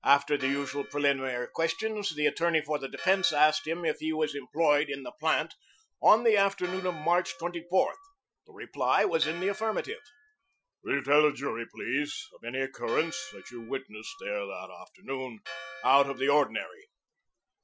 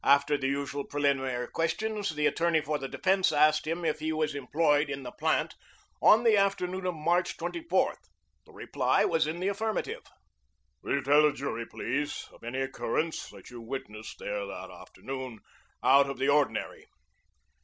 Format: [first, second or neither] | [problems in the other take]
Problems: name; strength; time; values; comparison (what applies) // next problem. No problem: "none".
second | noise reduction (classical method Wiener filter)